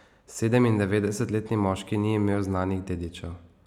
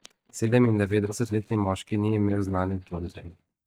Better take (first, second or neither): first